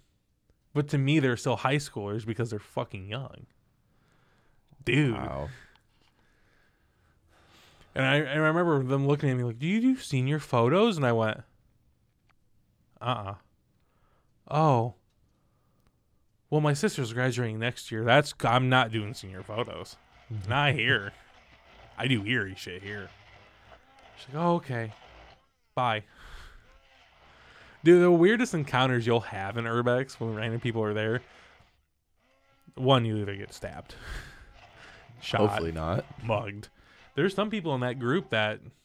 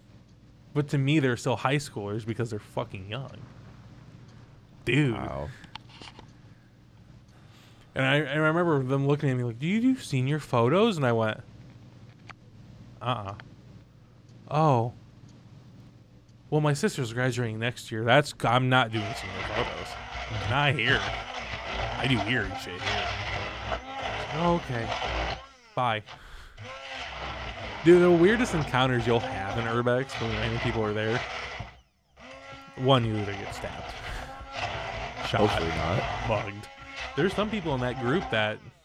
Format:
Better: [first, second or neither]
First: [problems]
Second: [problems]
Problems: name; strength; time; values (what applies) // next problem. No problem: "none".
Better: first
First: household noises; faint; throughout; 30 dB below the speech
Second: household noises; loud; throughout; 8 dB below the speech